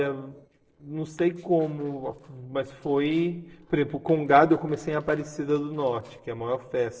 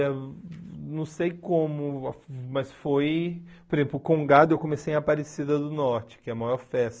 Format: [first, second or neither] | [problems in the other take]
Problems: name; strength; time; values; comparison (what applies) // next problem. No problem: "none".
second | noise reduction (neural separator model SepFormer DNS4)